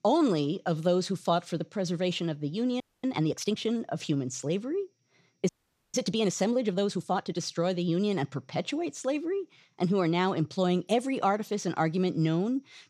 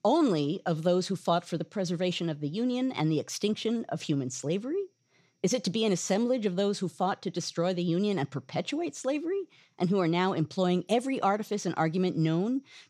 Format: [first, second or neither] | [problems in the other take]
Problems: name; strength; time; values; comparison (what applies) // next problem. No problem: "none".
second | audio freezing; at 3 s and at 5.5 s